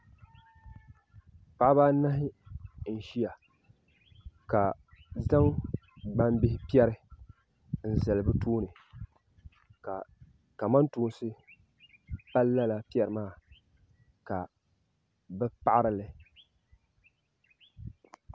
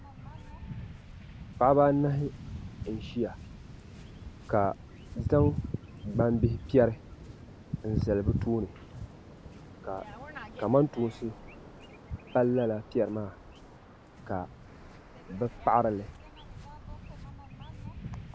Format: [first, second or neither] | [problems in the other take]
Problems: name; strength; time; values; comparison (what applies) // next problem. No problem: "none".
first | background sound (Waves, surf); 15 dB below the speech